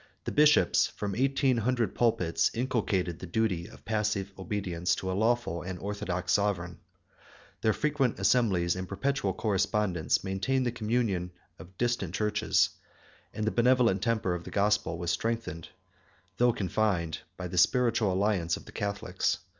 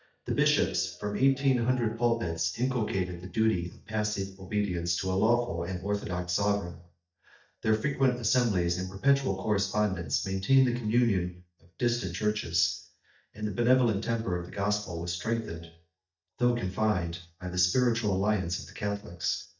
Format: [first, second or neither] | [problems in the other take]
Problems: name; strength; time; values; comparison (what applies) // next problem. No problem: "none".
first | noise reduction (neural mask model DeepFilterNet 3)